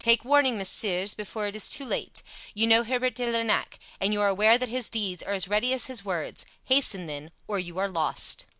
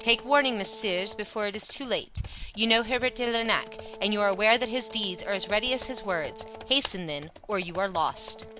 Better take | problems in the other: first | background sound (Computer keyboard + Brass instrument); 14 dB below the speech

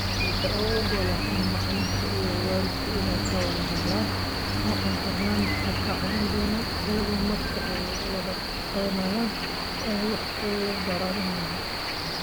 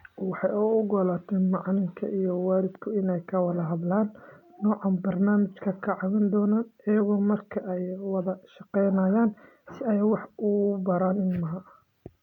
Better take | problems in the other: second | background sound (Cricket + Engine); 3 dB above the speech

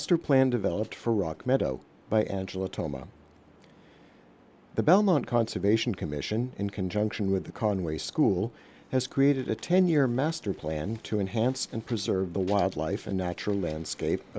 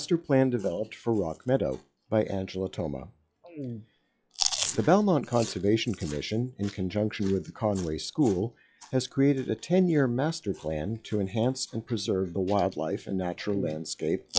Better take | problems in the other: first | noise reduction (classical method log-MMSE)

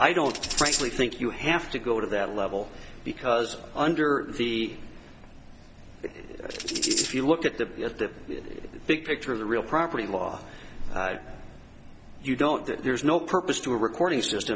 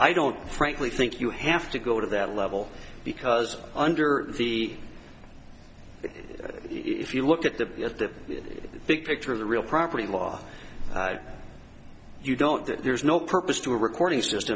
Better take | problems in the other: second | background sound (Tambourine); 2 dB below the speech

